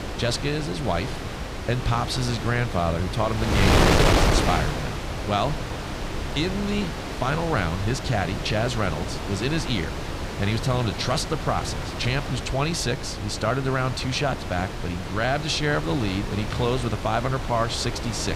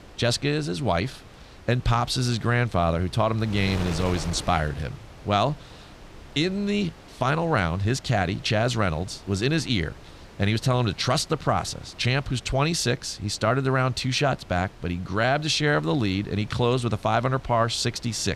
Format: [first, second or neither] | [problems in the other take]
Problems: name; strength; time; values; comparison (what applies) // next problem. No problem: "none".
second | wind noise on the microphone; heavy; 3 dB below the speech; occasional gusts in the second